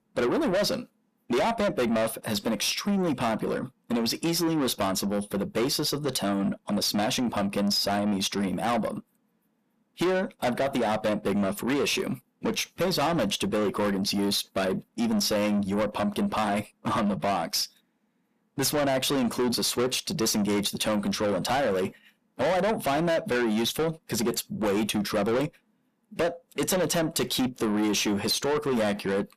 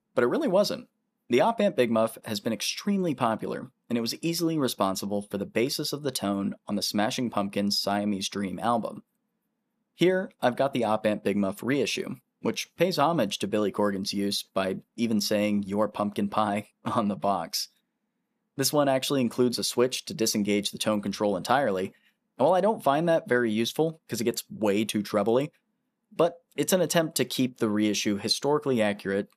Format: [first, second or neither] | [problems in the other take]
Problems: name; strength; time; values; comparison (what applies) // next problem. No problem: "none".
second | distortion; heavy; 6 dB below the speech